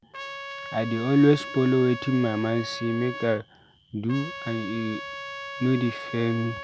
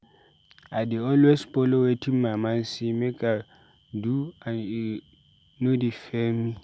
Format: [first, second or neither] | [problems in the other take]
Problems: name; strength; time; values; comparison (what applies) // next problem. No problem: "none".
second | background sound (Trumpet); 11 dB below the speech